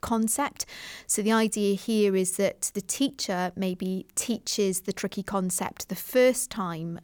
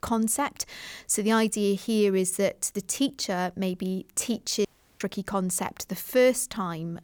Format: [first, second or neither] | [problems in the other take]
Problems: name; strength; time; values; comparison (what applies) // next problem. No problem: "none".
first | audio cutting out; at 4.5 s